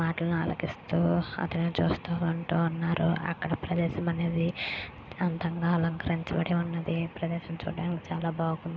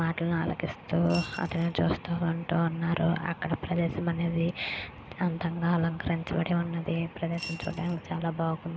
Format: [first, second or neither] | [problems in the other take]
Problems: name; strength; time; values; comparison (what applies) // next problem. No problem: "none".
first | background sound (Coin (dropping) / Glass); 15 dB below the speech